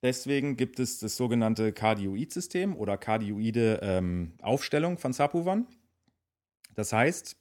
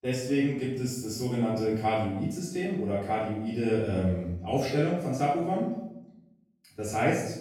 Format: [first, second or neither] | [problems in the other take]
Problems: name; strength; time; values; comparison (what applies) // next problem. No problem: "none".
first | off-mic speech; far // room echo; noticeable; dies away in 0.7 s